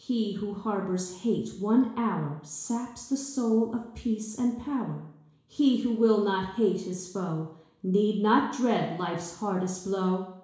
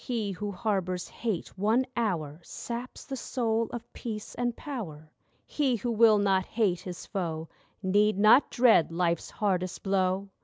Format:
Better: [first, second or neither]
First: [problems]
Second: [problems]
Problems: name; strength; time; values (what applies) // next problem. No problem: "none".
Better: second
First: room echo; dies away in 0.7 s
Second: none